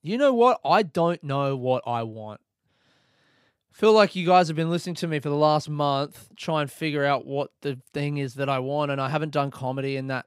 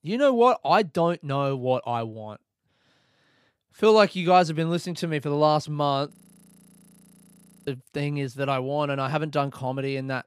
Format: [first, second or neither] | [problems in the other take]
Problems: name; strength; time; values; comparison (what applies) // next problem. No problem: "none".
first | audio freezing; at 6 s for 1.5 s